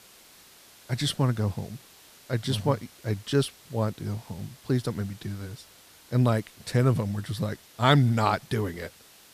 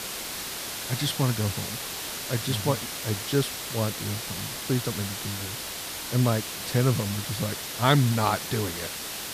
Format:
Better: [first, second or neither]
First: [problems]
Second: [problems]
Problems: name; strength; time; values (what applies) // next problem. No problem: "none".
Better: first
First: hiss; faint; throughout; 25 dB below the speech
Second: hiss; loud; throughout; 4 dB below the speech